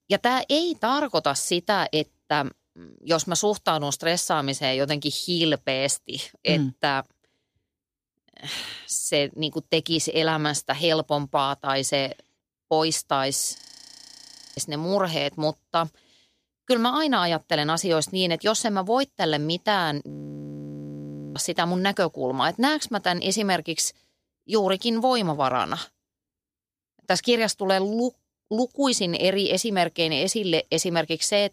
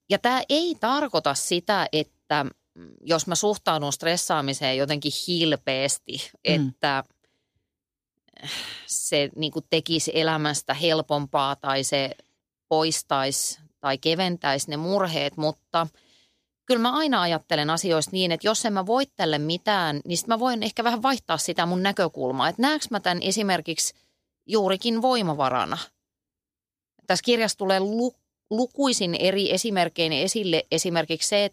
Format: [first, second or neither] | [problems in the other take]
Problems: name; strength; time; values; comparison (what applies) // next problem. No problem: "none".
second | audio freezing; at 14 s for 1 s and at 20 s for 1.5 s